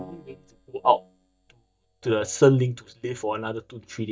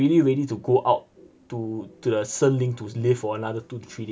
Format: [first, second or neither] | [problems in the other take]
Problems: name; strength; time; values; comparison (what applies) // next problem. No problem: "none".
second | noise reduction (neural mask model DeepFilterNet 3)